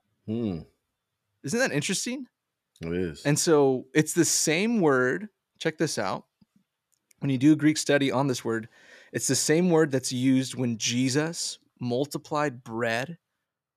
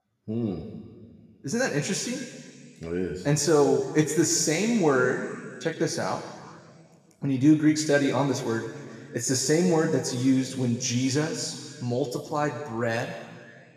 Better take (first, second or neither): first